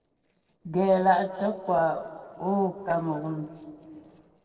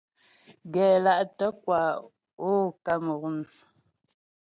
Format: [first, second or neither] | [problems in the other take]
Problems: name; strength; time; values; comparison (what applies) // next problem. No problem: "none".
second | noise reduction (neural separator model SepFormer DNS4)